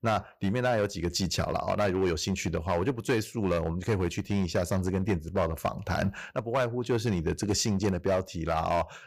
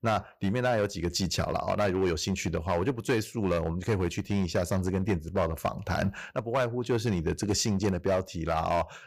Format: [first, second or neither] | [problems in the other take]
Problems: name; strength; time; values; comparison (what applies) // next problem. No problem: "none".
neither | distortion; slight; 6% of the sound clipped; the same in both